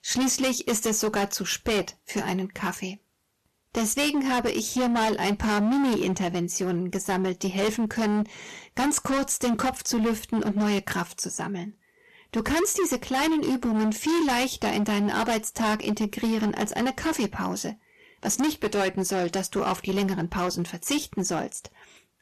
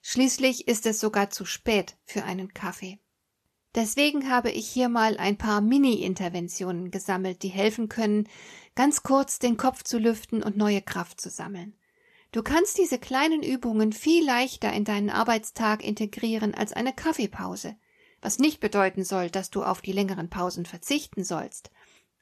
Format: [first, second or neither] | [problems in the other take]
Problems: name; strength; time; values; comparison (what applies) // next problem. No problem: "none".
second | distortion; heavy; 18% of the sound clipped